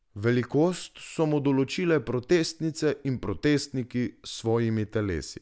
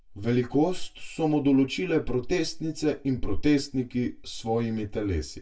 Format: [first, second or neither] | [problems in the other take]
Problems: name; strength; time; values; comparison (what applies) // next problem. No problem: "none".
first | room echo; dies away in 0.1 s